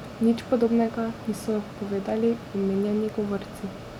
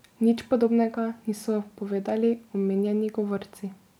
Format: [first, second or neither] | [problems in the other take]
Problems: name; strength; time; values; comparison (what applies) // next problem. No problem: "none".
second | background sound (Mechanisms); 13 dB below the speech